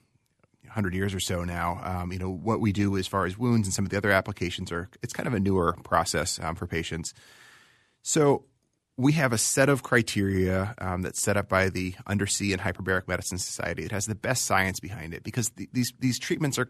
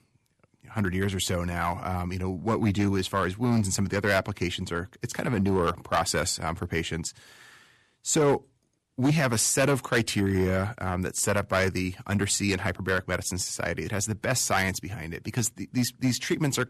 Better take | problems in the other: first | distortion; slight; 3% of the sound clipped

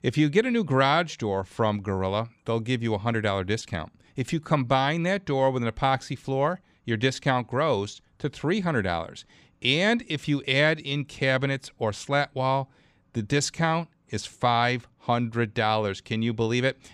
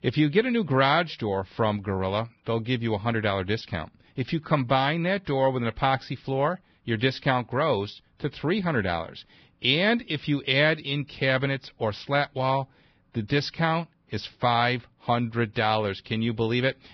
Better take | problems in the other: first | garbled, watery; badly; nothing above 5.5 kHz

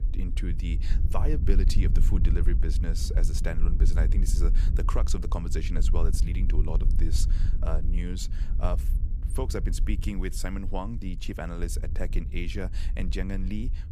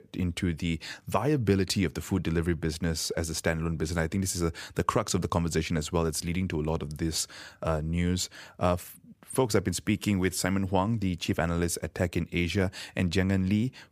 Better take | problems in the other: second | wind noise on the microphone; heavy; 9 dB below the speech

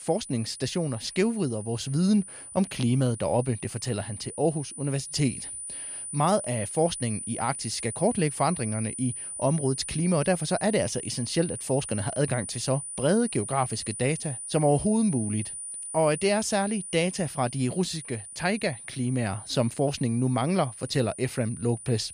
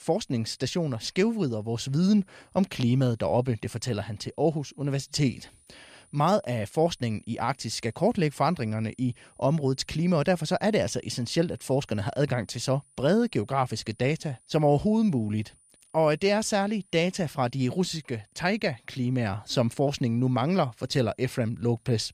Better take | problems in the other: second | high-pitched whine; loud; throughout; 9.5 kHz, 8 dB below the speech; faint in the second

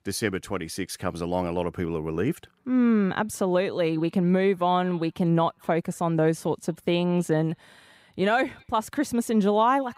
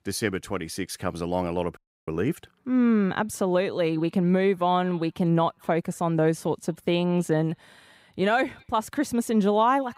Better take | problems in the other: first | audio cutting out; at 2 s

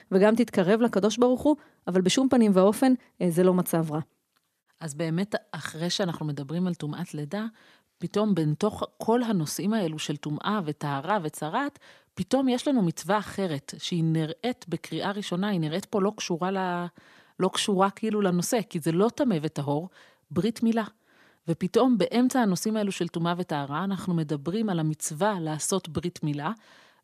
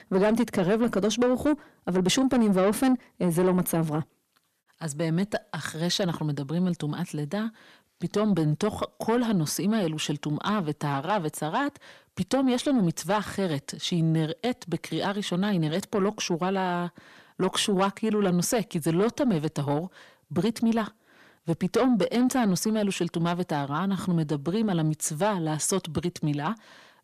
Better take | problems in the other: first | distortion; slight; 10 dB below the speech

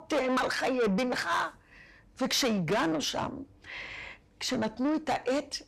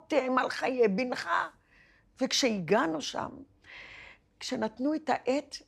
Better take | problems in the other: second | distortion; heavy; 7 dB below the speech

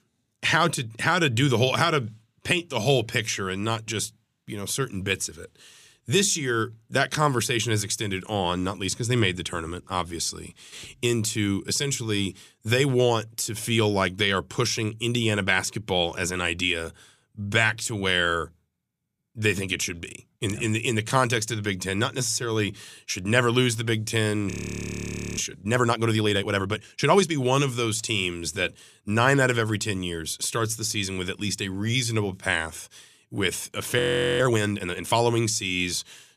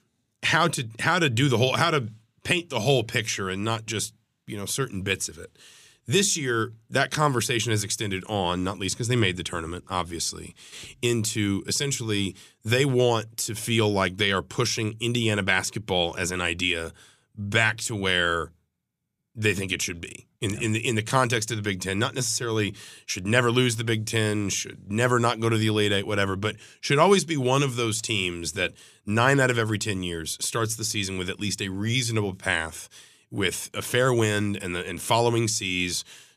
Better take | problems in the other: second | audio freezing; at 25 s for 1 s and at 34 s

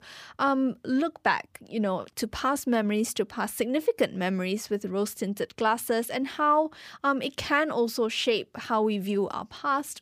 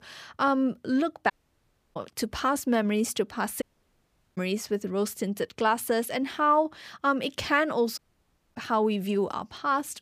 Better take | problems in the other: first | audio cutting out; at 1.5 s for 0.5 s, at 3.5 s for 1 s and at 8 s for 0.5 s

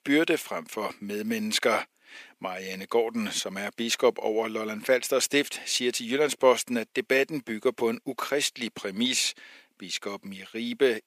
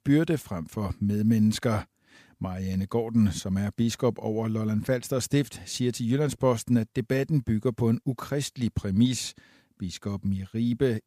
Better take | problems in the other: second | thin; somewhat; fading below 350 Hz

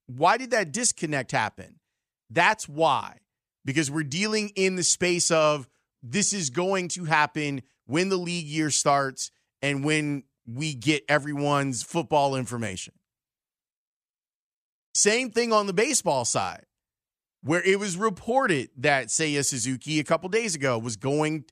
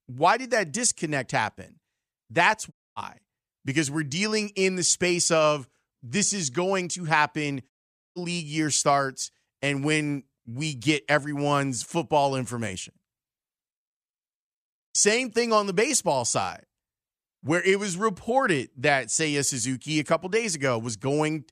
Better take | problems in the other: first | audio cutting out; at 2.5 s and at 7.5 s

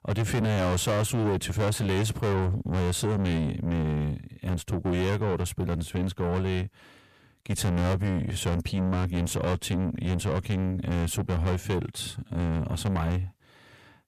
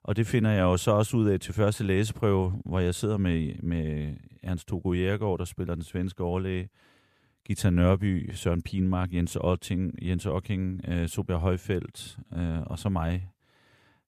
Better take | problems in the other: second | distortion; heavy; 6 dB below the speech

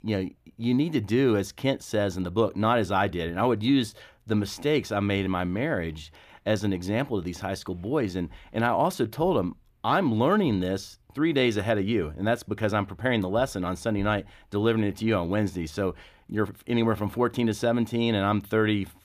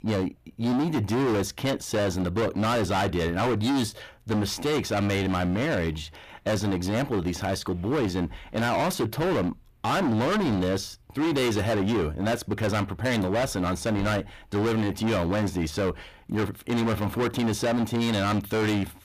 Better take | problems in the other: first | distortion; heavy; 28% of the sound clipped

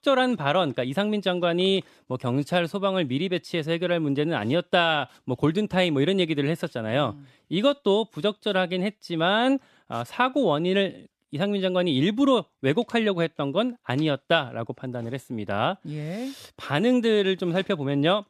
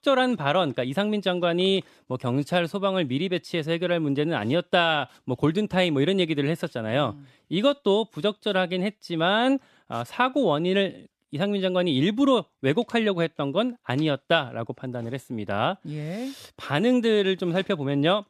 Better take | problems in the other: neither | none

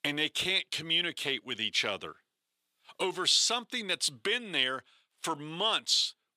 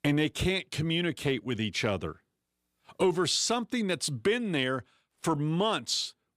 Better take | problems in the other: second | thin; somewhat; fading below 950 Hz

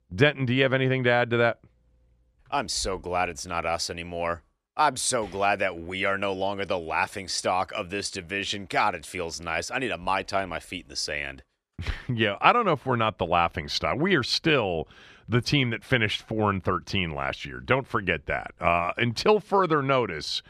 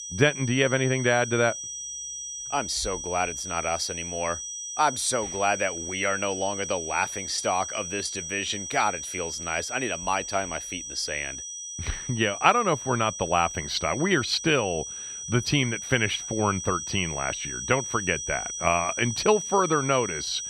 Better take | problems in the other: first | high-pitched whine; loud; throughout; 6 kHz, 6 dB below the speech

